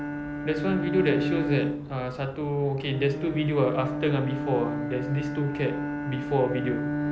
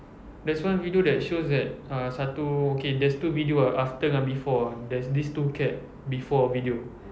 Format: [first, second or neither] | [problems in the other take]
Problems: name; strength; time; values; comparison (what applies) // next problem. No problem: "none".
second | background sound (Bowed string instrument); 3 dB below the speech